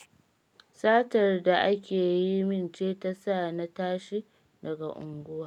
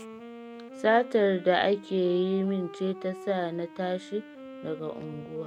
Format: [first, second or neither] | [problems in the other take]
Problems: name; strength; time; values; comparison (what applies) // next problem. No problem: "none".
first | background sound (Wind instrument, woodwind instrument); 15 dB below the speech